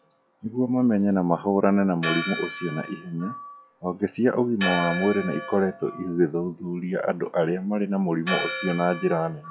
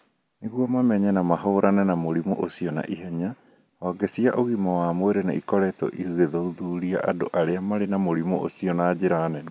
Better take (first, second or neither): second